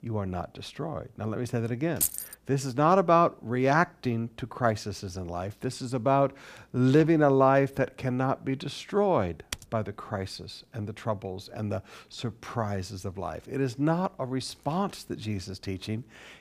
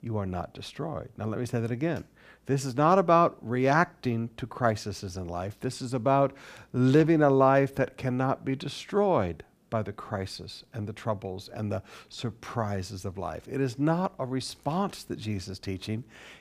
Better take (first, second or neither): second